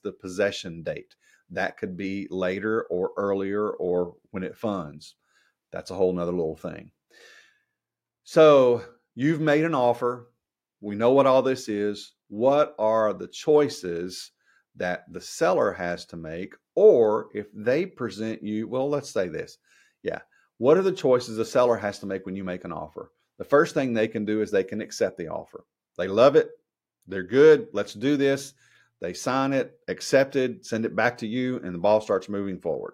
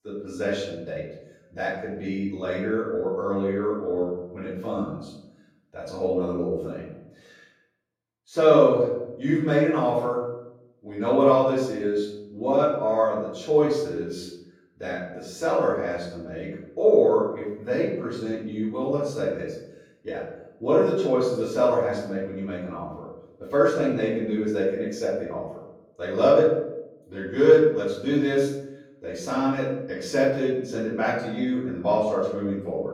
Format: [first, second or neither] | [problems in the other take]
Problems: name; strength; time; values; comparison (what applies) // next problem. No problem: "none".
first | room echo; noticeable; dies away in 0.8 s // off-mic speech; far